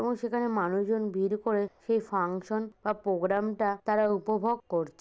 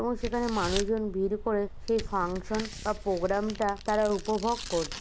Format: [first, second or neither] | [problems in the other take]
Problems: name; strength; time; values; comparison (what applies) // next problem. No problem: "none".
first | background sound (Tearing + Tick); 9 dB below the speech